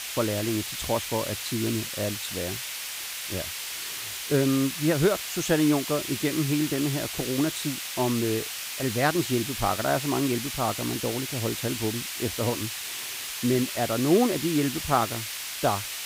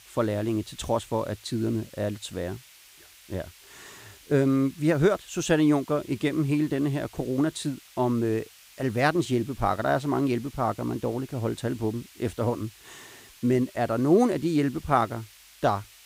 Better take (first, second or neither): second